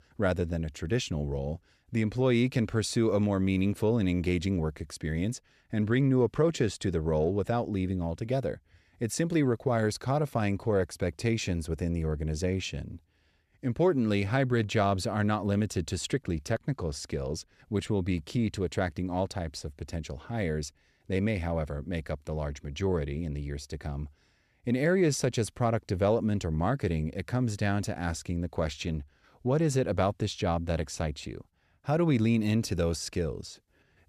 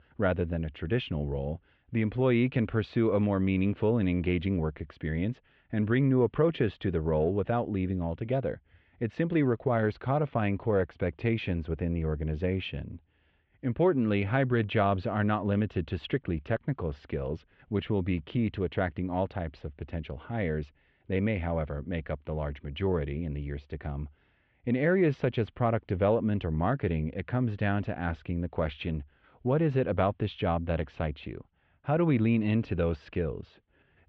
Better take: first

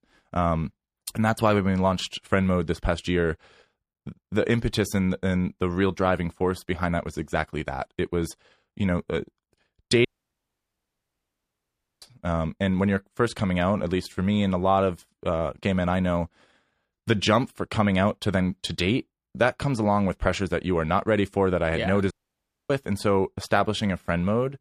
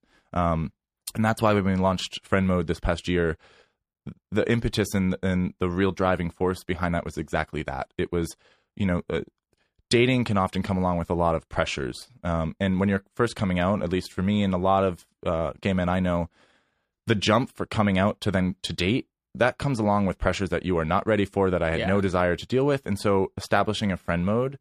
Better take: second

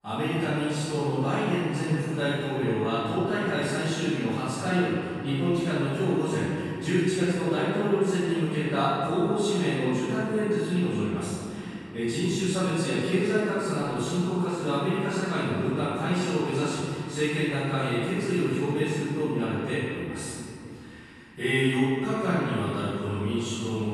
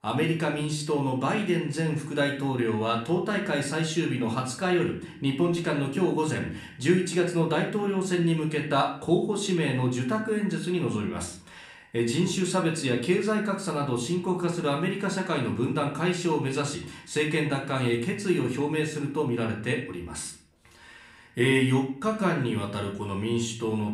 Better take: second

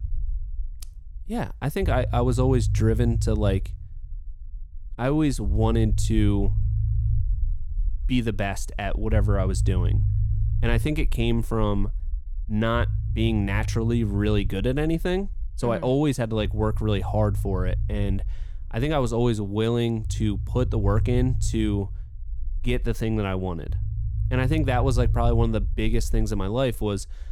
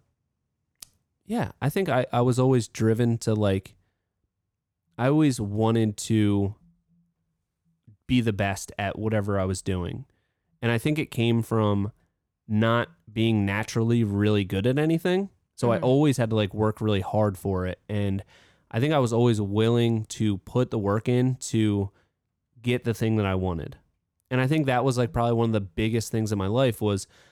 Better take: second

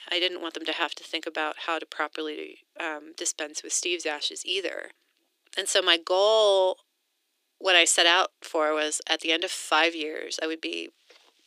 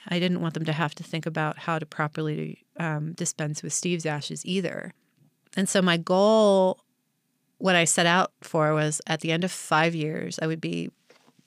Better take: second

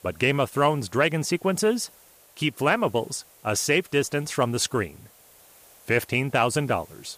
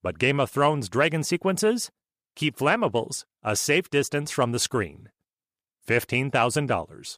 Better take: second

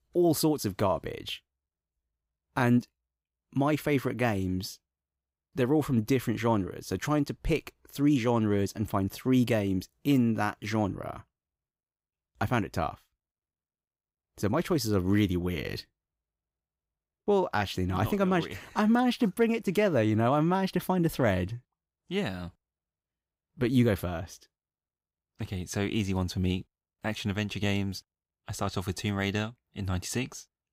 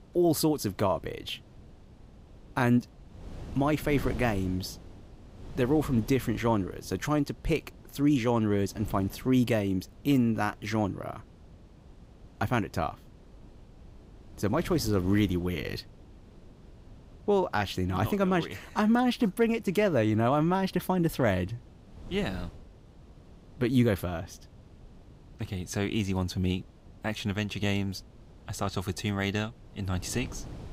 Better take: first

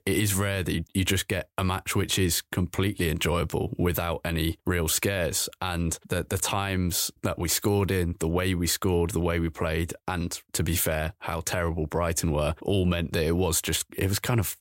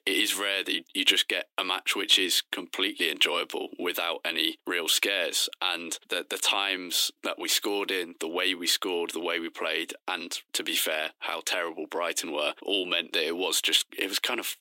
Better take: first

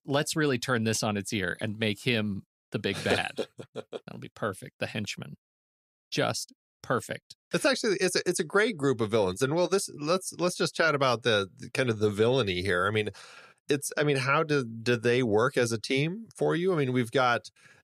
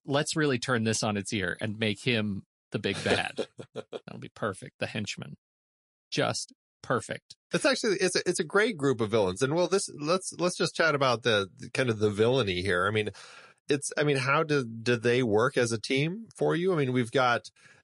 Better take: first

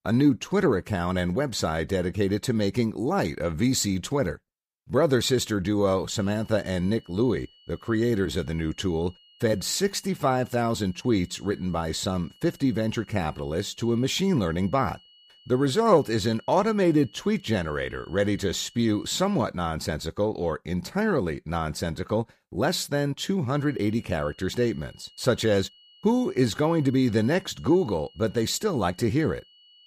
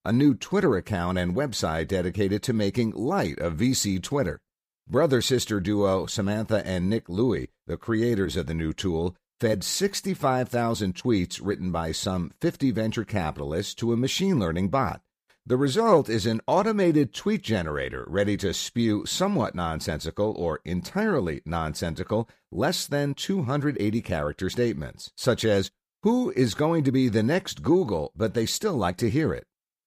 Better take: second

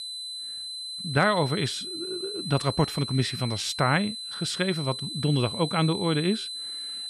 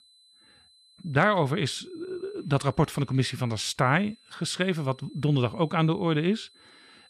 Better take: second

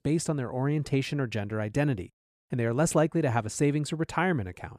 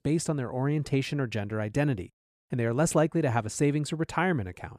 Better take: neither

